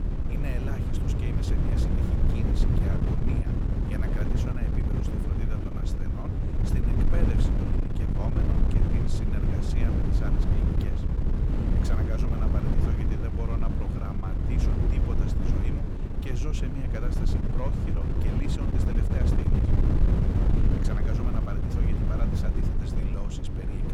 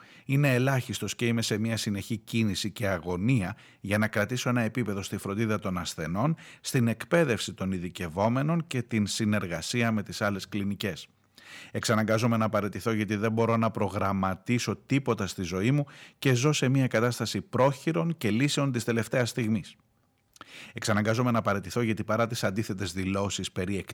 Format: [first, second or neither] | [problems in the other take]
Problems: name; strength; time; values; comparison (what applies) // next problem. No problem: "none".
second | wind noise on the microphone; heavy; 5 dB above the speech